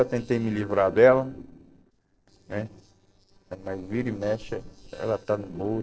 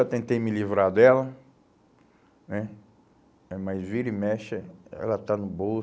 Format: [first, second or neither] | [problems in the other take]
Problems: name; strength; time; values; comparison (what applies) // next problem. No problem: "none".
second | noise reduction (neural separator model SepFormer DNS4)